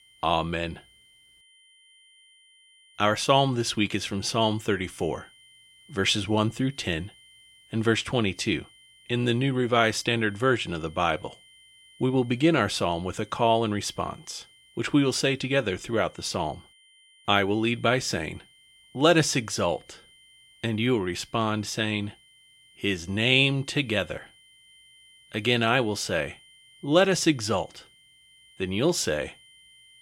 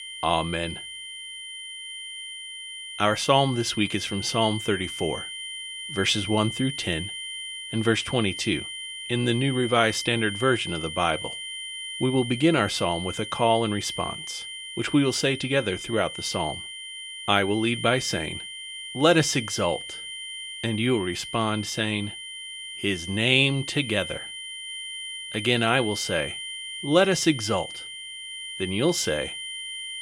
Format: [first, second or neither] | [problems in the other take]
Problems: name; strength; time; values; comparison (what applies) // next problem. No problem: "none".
first | high-pitched whine; loud; throughout; 3 kHz, 9 dB below the speech; faint in the first